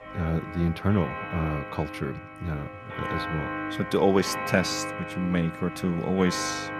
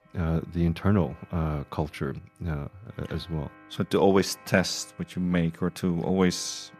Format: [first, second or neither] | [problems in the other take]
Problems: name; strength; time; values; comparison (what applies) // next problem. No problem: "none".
second | household noises; loud; throughout; 7 dB below the speech; faint in the second